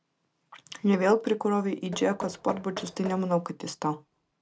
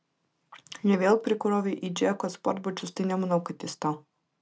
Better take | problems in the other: second | background sound (Knock); 17 dB below the speech

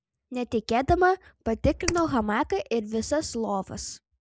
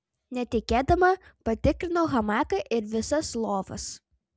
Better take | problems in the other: second | noise reduction (neural mask model Resemble Enhance denoiser)

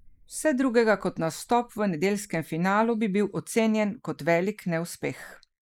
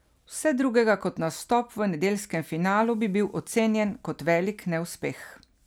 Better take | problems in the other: second | noise reduction (neural mask model Resemble Enhance denoiser)

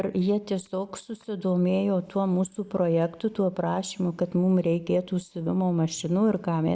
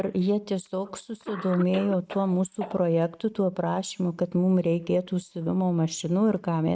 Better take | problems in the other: first | noise reduction (neural mask model RNNoise)

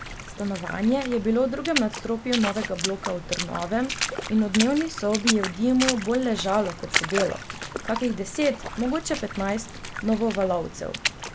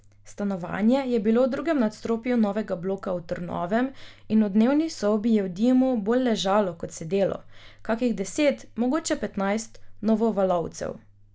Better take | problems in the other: second | background sound (Water / Splash, splatter); 6 dB below the speech

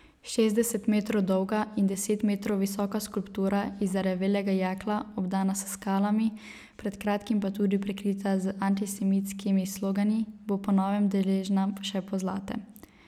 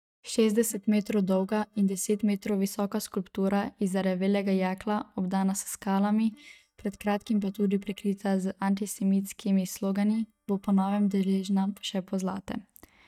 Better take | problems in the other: first | noise reduction (neural mask model DeepFilterNet 3)

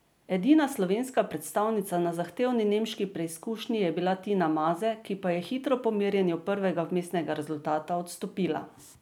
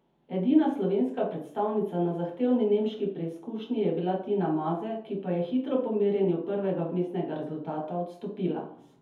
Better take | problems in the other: first | room echo; dies away in 0.5 s

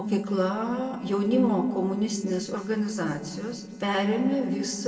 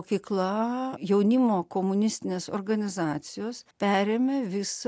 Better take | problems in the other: second | noise reduction (neural separator model SepFormer DNS4)

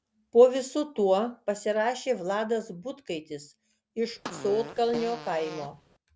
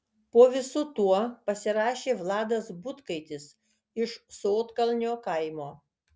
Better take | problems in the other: second | background sound (Fart); 14 dB below the speech

